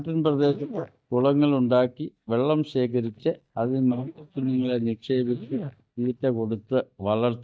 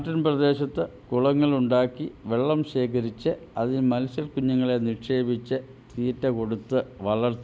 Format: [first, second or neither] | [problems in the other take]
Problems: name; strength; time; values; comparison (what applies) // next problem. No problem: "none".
second | noise reduction (neural mask model DeepFilterNet 3)